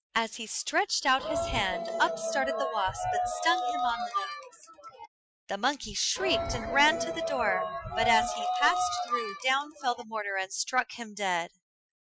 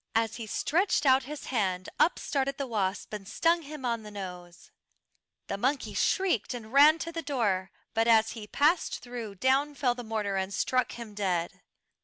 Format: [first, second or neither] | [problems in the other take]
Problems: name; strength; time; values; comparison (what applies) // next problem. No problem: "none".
second | noise reduction (classical method Wiener filter)